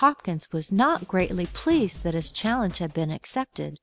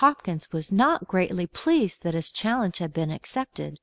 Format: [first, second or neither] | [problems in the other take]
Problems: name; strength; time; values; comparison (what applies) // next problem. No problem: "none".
second | background sound (Drum kit); 15 dB below the speech